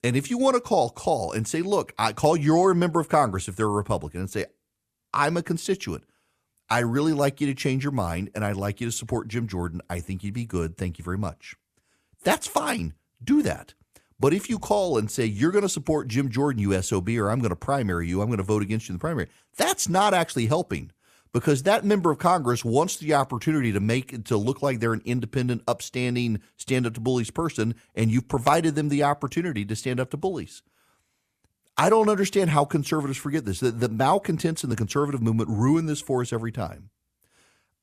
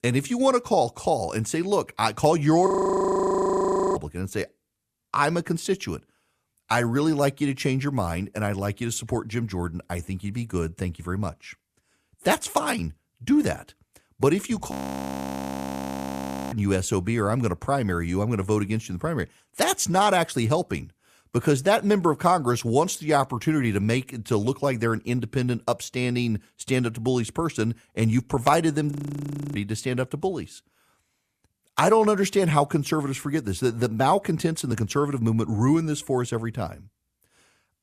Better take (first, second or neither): first